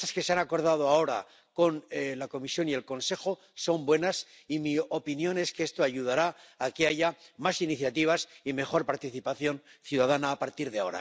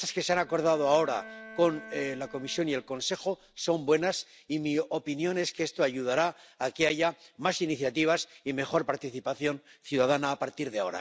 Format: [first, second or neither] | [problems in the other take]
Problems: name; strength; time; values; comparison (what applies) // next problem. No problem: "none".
first | background sound (Bowed string instrument); 19 dB below the speech